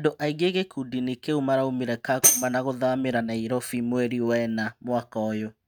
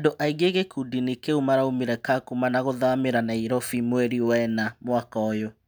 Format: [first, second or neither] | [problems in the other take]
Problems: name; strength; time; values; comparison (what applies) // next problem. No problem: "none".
second | noise reduction (neural mask model RNNoise)